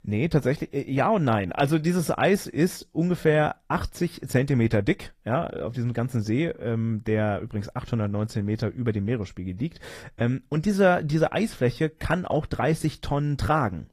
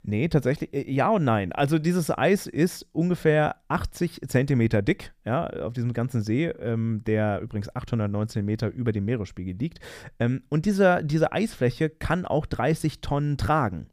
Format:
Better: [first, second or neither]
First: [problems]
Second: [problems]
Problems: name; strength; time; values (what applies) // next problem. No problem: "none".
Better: second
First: garbled, watery; slightly; nothing above 15 kHz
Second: none